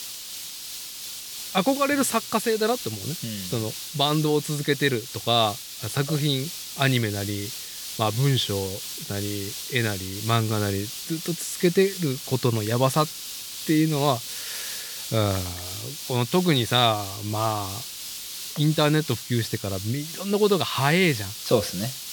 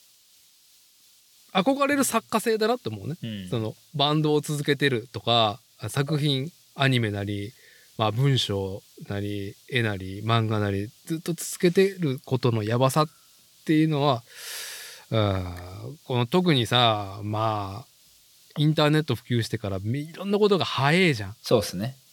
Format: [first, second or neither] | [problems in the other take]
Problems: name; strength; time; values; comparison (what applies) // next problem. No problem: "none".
second | hiss; loud; throughout; 8 dB below the speech; faint in the second